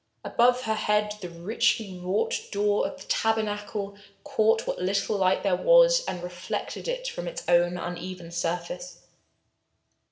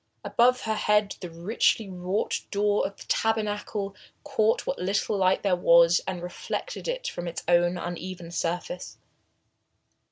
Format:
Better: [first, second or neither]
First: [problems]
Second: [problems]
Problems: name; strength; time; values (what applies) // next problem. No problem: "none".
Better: second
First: room echo; dies away in 0.6 s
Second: none